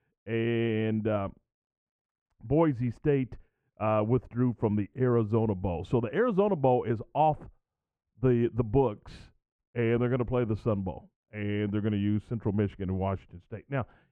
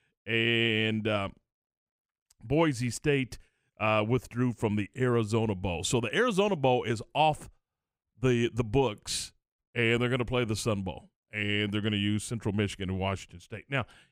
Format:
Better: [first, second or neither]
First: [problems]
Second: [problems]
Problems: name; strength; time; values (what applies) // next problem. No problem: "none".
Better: second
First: muffled; very; fading above 3 kHz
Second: none